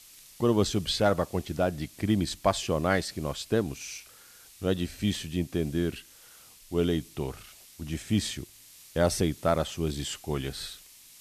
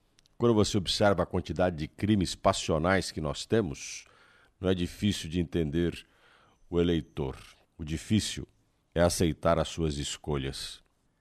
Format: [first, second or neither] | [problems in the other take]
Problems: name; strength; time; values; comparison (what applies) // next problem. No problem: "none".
second | hiss; faint; throughout; 20 dB below the speech